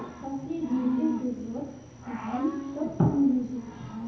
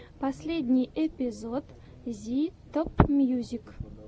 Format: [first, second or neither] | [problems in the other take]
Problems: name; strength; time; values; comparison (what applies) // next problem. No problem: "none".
second | background sound (Cricket / Growling); 10 dB below the speech // room echo; dies away in 1 s